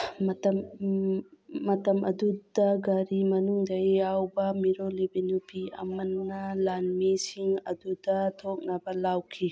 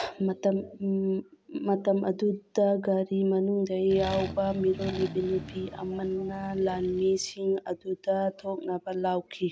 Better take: first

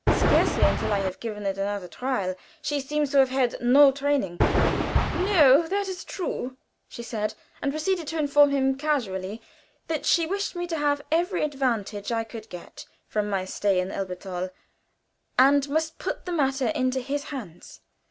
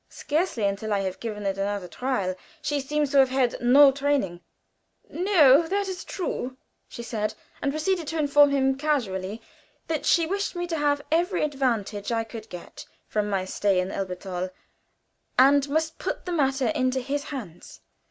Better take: second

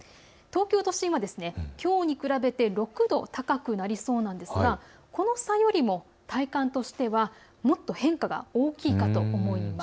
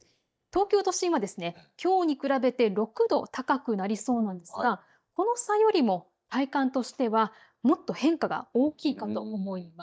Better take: first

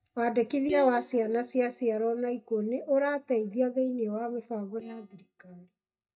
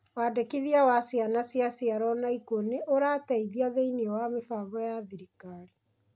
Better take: second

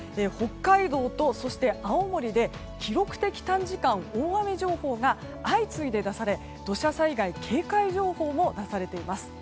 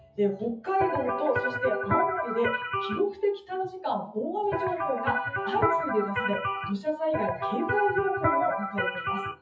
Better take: first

